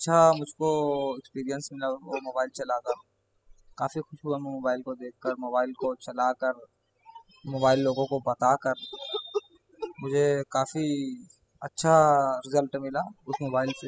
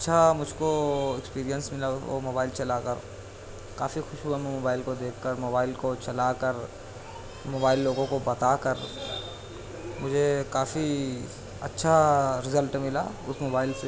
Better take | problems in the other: second | noise reduction (classical method spectral subtraction)

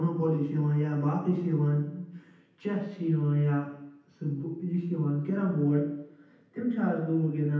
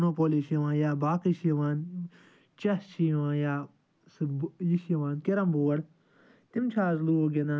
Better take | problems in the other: second | room echo; dies away in 0.9 s

